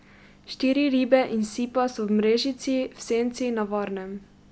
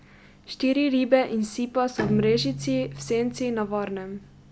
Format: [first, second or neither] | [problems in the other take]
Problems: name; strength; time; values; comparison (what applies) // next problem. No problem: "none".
first | background sound (Bowed string instrument); 12 dB below the speech